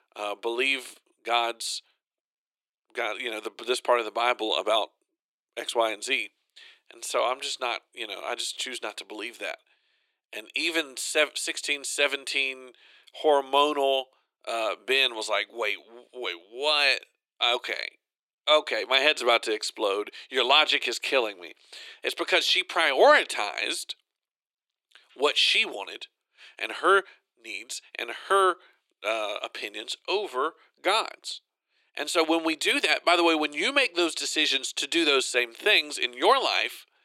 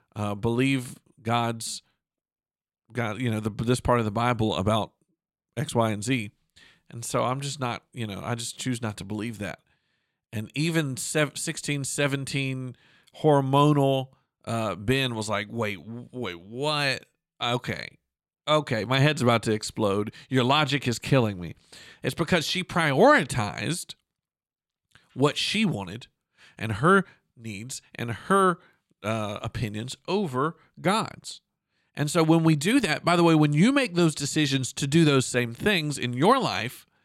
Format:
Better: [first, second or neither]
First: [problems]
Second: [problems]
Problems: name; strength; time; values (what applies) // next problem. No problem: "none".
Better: second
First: thin; very; fading below 350 Hz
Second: none